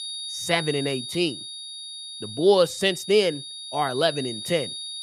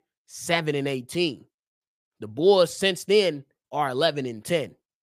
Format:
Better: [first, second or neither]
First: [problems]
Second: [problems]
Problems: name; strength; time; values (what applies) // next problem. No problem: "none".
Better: second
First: high-pitched whine; loud; throughout; 3.5 kHz, 9 dB below the speech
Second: none